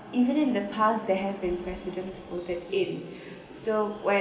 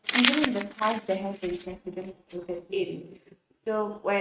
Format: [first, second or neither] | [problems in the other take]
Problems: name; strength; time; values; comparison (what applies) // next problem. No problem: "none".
first | noise reduction (neural mask model RNNoise)